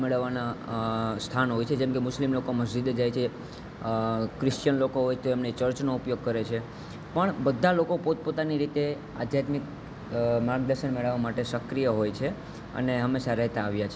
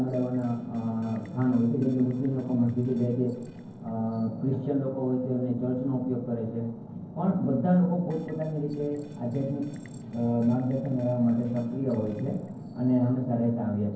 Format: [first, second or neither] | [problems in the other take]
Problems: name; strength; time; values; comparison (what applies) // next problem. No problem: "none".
first | noise reduction (neural separator model SepFormer DNS4)